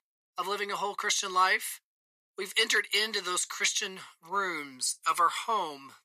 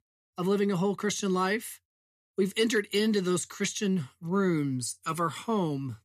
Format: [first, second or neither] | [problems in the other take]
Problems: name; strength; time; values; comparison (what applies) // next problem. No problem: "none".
second | thin; very; fading below 900 Hz